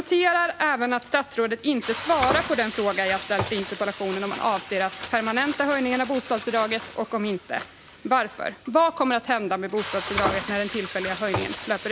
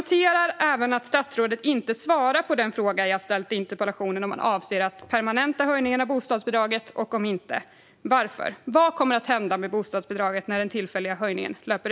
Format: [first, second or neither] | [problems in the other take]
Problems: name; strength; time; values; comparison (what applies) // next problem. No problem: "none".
second | background sound (Frying (food)); 10 dB below the speech